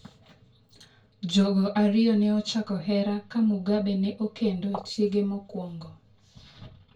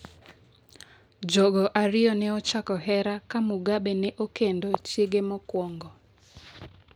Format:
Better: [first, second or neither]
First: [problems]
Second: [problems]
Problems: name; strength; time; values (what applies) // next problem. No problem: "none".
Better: second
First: room echo; dies away in 0.2 s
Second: none